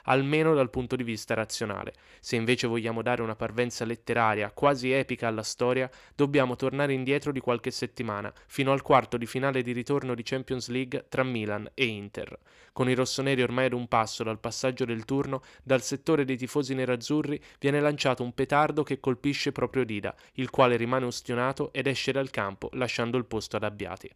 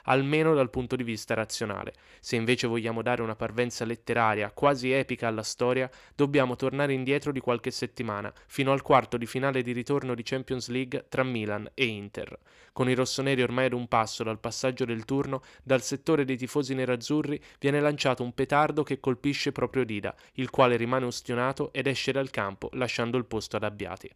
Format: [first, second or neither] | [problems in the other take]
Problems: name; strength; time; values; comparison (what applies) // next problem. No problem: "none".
neither | none